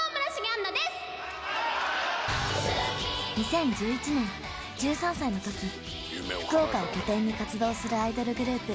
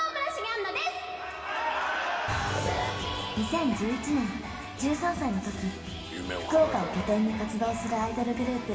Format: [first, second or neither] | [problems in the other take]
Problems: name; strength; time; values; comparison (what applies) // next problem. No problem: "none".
first | room echo; dies away in 2.5 s